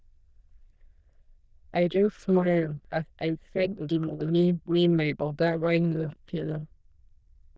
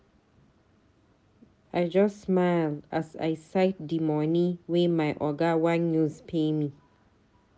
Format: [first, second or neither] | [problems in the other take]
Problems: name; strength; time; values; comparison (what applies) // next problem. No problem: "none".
second | noise reduction (neural diffusion model UNIVERSE++)